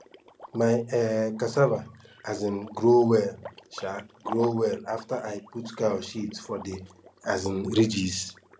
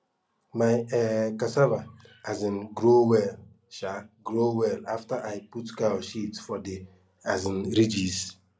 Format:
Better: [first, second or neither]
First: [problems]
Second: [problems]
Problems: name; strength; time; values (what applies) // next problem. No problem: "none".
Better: second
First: background sound (Liquid); 20 dB below the speech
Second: none